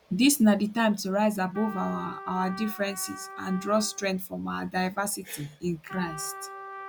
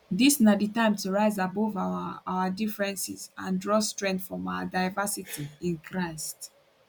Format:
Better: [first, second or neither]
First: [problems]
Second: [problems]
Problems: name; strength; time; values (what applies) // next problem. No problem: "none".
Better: second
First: background sound (Trumpet); 15 dB below the speech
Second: none